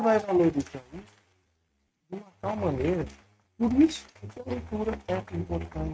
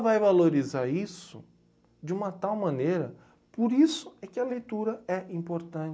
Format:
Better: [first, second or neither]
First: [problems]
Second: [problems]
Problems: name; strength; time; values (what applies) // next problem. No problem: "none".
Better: second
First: noise reduction (neural mask model RNNoise)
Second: none